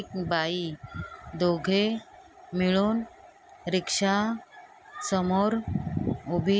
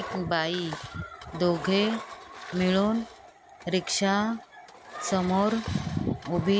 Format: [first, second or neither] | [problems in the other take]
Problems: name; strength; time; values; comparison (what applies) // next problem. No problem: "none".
first | background sound (Engine); 14 dB below the speech